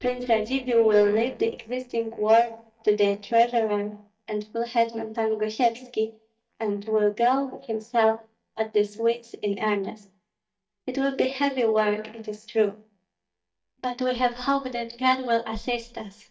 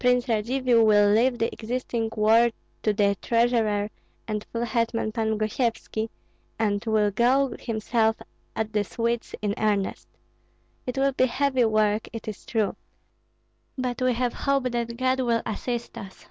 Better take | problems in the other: second | noise reduction (neural mask model DeepFilterNet 3)

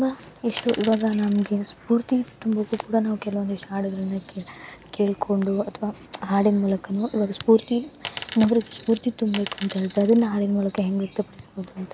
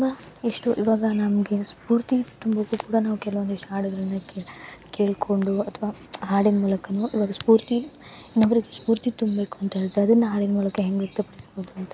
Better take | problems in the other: second | background sound (Coin (dropping)); 15 dB below the speech

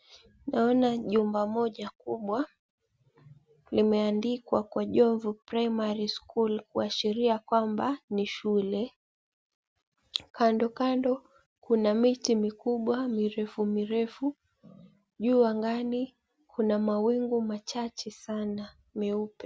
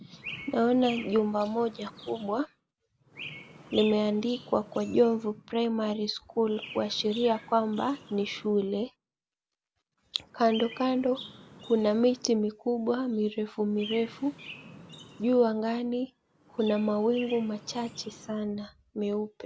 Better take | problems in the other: first | background sound (Chirp, tweet); 18 dB below the speech

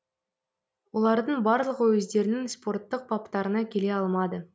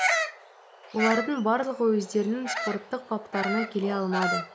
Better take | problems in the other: first | background sound (Bird vocalization, bird call, bird song); 4 dB below the speech

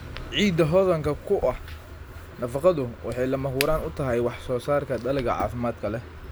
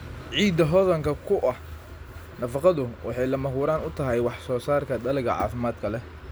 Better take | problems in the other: second | background sound (Crack); 15 dB below the speech

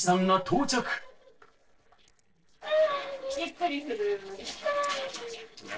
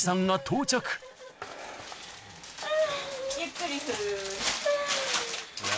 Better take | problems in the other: second | noise reduction (neural separator model SepFormer DNS4)

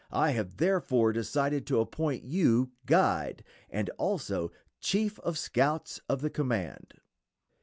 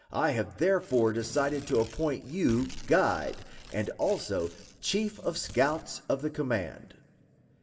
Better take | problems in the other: first | background sound (Tearing); 18 dB below the speech // room echo; dies away in 1.3 s

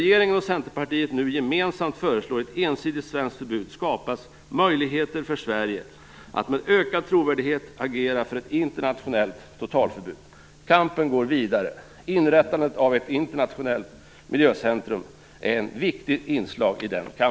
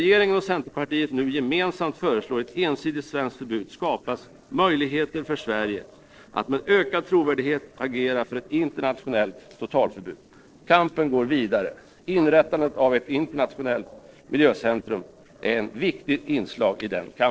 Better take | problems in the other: first | noise reduction (neural separator model SepFormer DNS4)

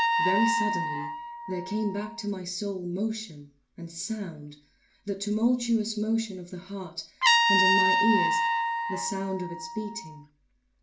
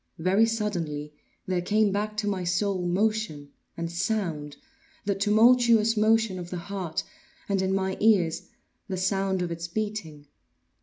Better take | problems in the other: second | background sound (Trumpet); 1 dB above the speech // room echo; dies away in 0.3 s

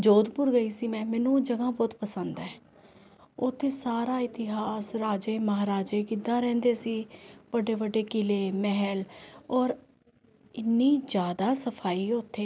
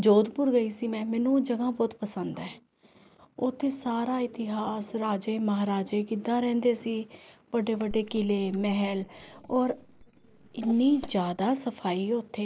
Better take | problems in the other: first | noise reduction (neural mask model Resemble Enhance denoiser)

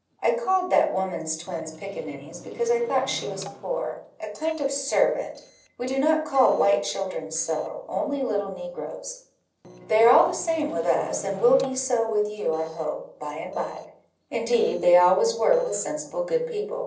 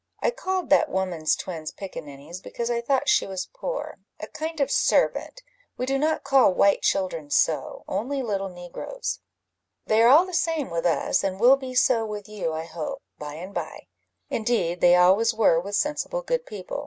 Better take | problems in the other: second | noise reduction (neural separator model SepFormer DNS4)

